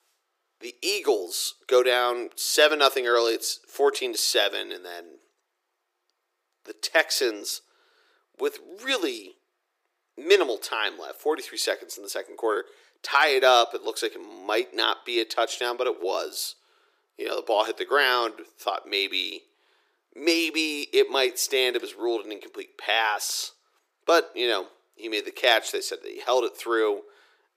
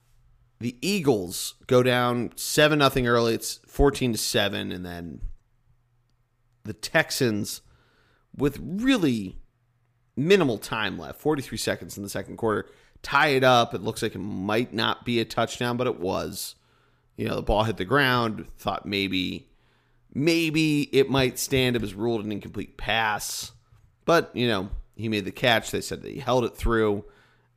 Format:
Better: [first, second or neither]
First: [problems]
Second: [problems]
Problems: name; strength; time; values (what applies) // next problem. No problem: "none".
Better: second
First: thin; very; fading below 350 Hz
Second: none